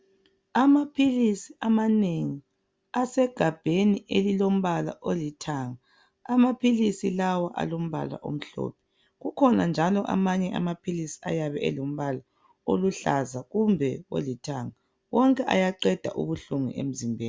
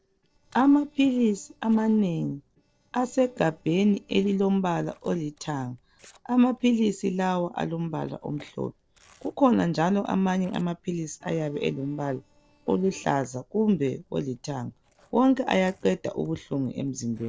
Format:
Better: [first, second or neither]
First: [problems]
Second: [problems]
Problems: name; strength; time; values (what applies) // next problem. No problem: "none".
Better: first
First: none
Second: noise reduction (neural separator model SepFormer DNS4)